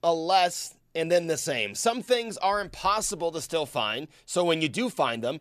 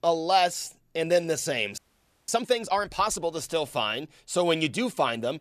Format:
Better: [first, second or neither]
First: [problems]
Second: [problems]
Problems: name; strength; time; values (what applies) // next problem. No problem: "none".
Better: first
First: none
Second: audio freezing; at 2 s